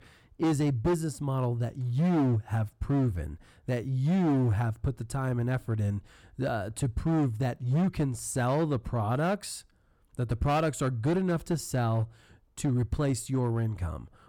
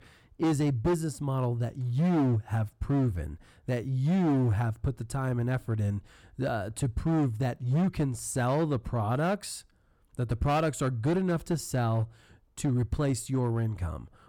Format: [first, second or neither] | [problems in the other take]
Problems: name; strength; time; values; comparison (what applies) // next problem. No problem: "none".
neither | distortion; slight; 10% of the sound clipped; the same in both